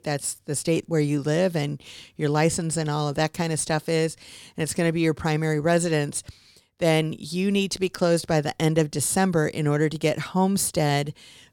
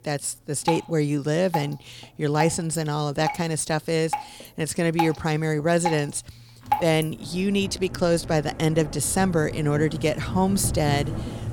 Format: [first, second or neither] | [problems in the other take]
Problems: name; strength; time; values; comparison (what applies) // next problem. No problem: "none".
first | rain or running water; loud; throughout; 8 dB below the speech